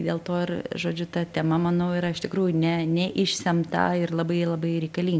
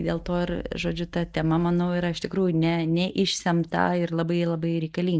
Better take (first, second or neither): first